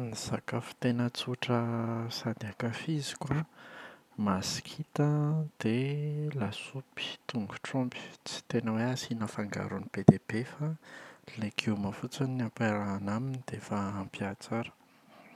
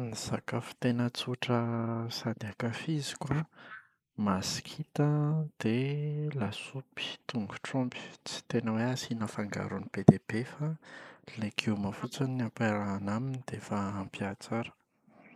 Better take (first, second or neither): first